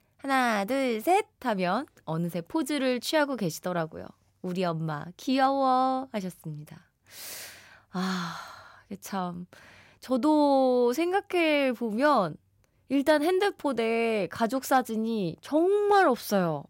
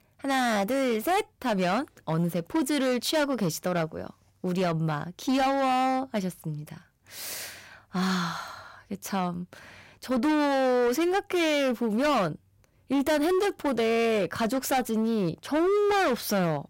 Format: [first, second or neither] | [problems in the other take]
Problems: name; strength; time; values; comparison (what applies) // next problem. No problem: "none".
first | distortion; heavy; 16% of the sound clipped